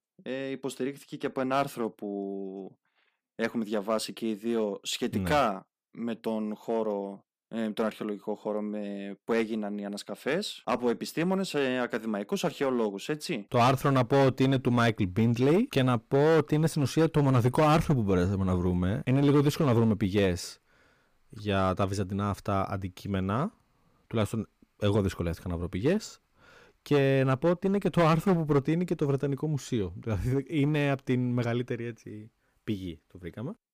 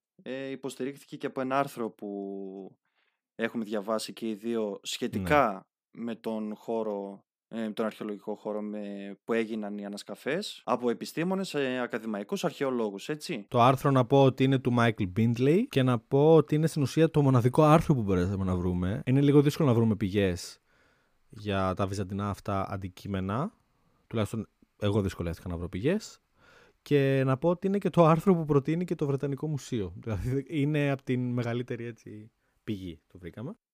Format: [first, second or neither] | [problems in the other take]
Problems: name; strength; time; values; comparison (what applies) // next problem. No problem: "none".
second | distortion; slight; 5% of the sound clipped